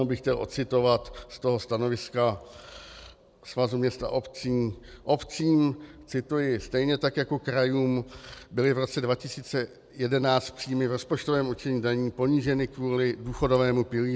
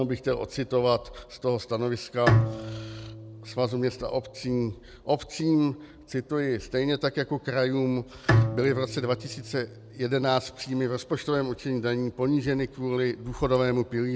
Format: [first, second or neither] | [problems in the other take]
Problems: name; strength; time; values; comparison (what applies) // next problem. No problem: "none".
first | background sound (Bowed string instrument); 3 dB below the speech